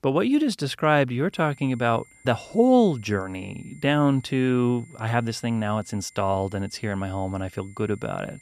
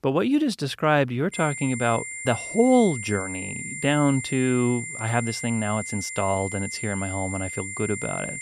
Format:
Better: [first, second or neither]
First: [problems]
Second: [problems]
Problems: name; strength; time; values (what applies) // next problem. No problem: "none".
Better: first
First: high-pitched whine; faint; from 1.5 s on; 2 kHz, 30 dB below the speech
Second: high-pitched whine; loud; from 1.5 s on; 2 kHz, 7 dB below the speech